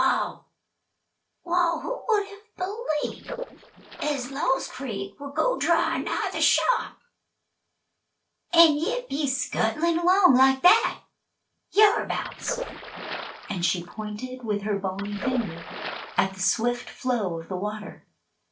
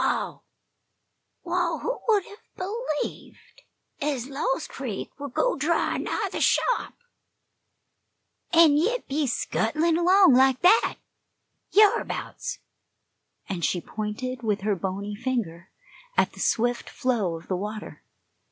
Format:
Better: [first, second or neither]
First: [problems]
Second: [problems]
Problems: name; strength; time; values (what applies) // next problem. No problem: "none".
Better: second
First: noise reduction (neural separator model SepFormer DNS4)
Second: none